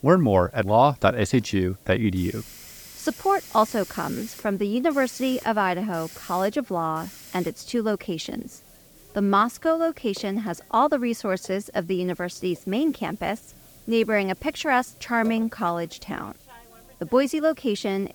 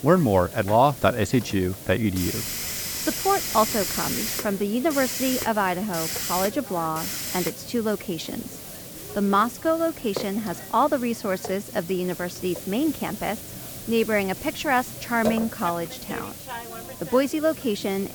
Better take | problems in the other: first | hiss; loud; throughout; 6 dB below the speech; faint in the first

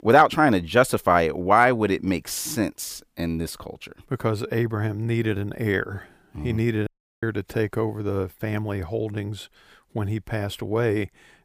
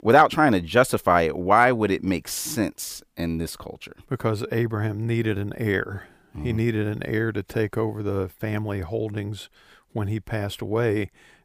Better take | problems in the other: second | audio cutting out; at 7 s

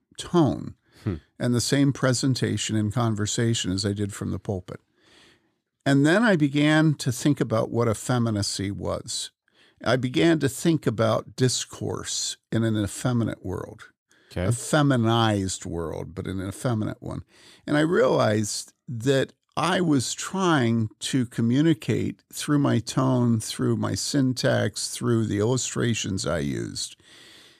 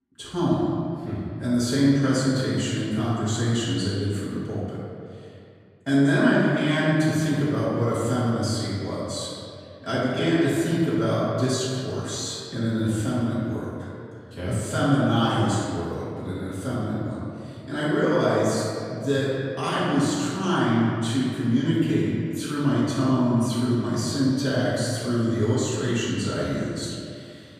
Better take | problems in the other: first | off-mic speech; far // room echo; strong; dies away in 2.1 s

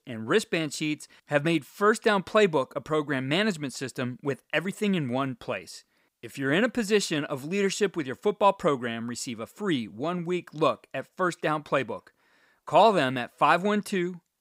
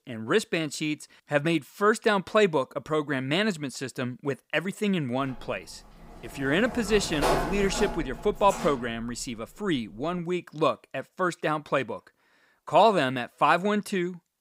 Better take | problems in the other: first | door banging; loud; from 5.5 to 9 s; peak level with the speech

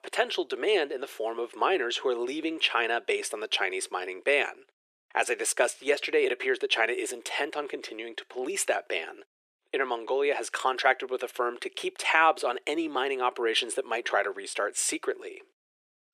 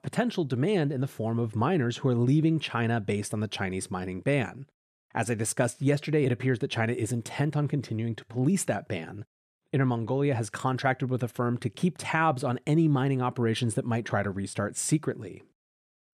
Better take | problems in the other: second | thin; very; fading below 400 Hz

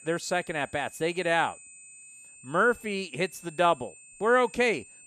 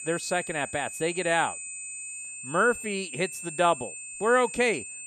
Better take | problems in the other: first | high-pitched whine; loud; throughout; 8 kHz, 9 dB below the speech; faint in the first

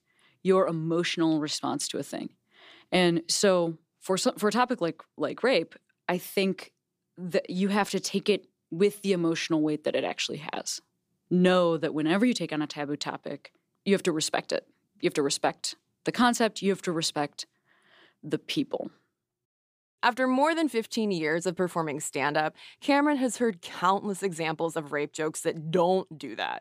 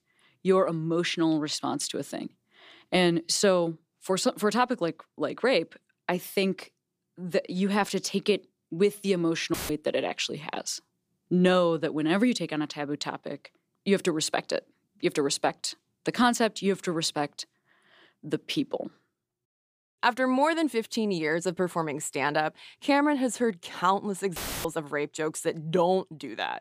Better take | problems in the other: first | audio cutting out; filled with static; at 9.5 s and at 24 s

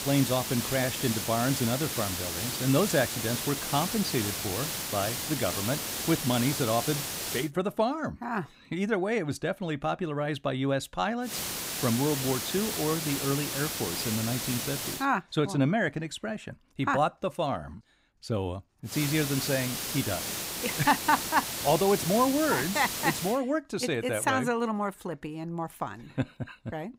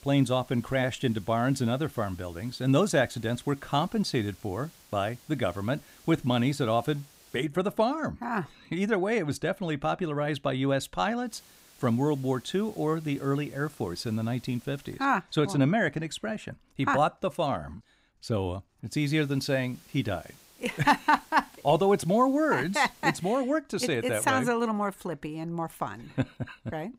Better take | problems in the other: second | hiss; loud; until 7.5 s, from 11 to 15 s and from 19 to 23 s; 2 dB below the speech; faint in the second

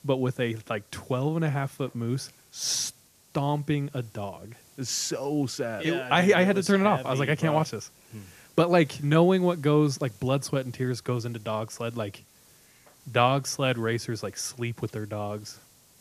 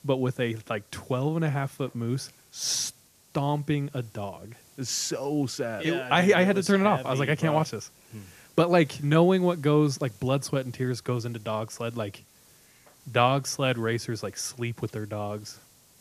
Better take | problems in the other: neither | hiss; faint; throughout; 30 dB below the speech; the same in both

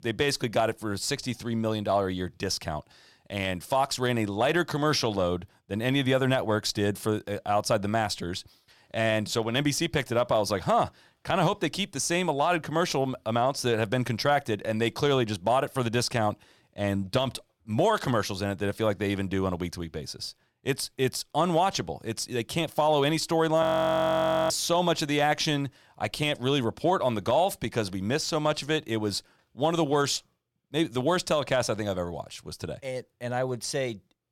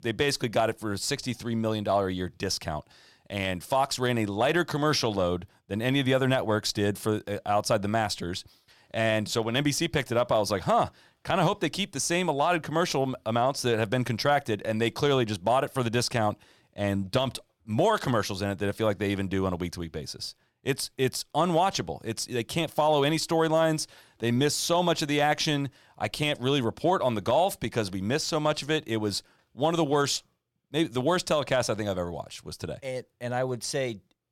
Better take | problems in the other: second | audio freezing; at 24 s for 1 s

